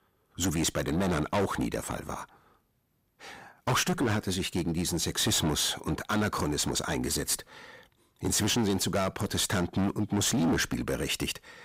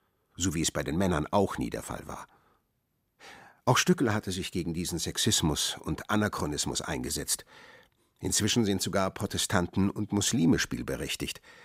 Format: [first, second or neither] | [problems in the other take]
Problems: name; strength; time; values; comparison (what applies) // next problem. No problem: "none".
second | distortion; heavy; 14% of the sound clipped